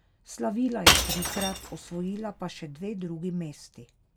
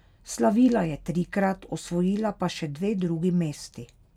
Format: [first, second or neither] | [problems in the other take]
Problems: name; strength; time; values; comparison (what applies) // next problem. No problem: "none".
second | background sound (Shatter / Crushing); 5 dB above the speech